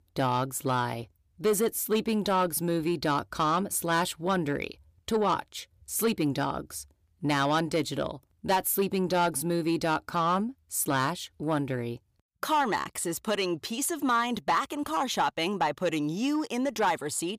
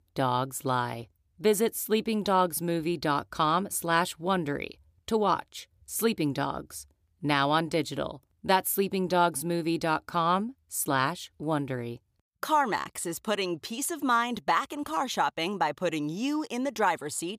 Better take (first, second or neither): second